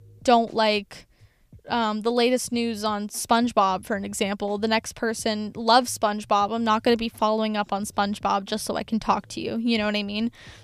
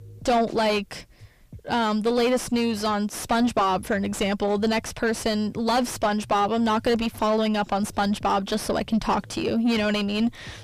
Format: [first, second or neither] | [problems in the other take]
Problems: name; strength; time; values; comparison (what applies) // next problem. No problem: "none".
first | distortion; heavy; 5 dB below the speech